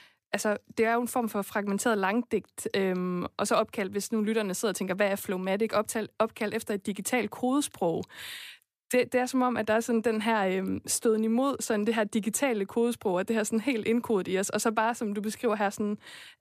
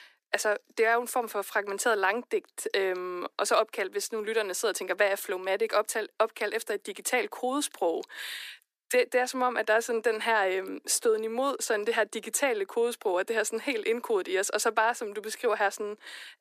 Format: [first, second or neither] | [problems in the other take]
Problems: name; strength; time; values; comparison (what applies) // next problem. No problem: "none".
first | thin; somewhat; fading below 300 Hz